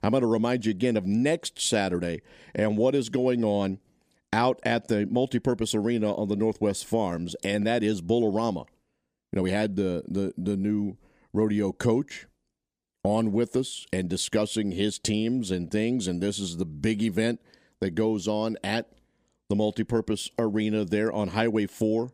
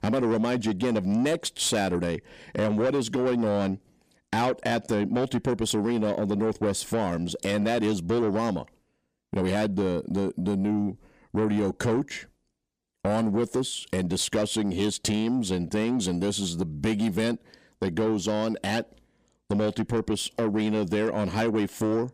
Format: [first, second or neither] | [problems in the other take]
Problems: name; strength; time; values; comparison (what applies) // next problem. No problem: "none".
first | distortion; slight; 10 dB below the speech